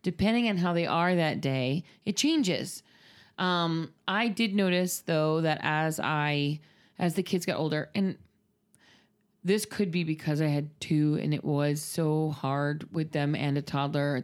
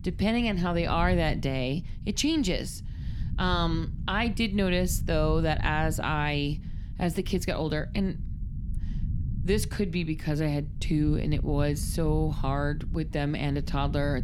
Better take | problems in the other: first | low rumble; noticeable; throughout; 20 dB below the speech

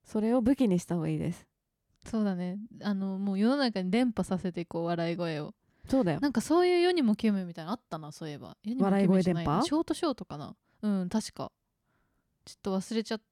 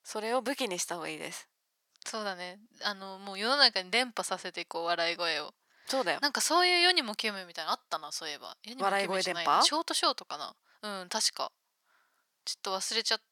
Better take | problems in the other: first | thin; very; fading below 950 Hz

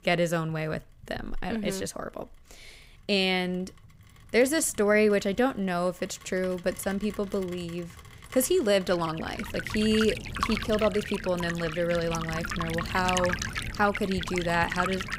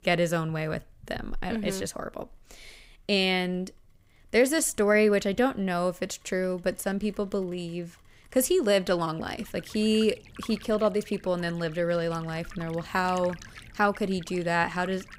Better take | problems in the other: second | rain or running water; loud; throughout; 7 dB below the speech; faint in the second

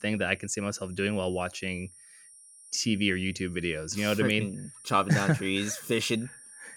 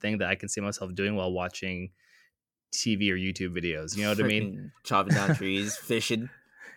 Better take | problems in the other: second | high-pitched whine; noticeable; throughout; 9 kHz, 20 dB below the speech

